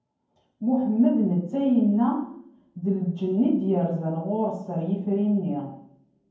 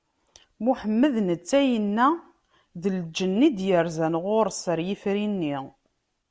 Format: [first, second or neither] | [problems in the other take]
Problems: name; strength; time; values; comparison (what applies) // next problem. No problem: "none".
second | room echo; dies away in 0.9 s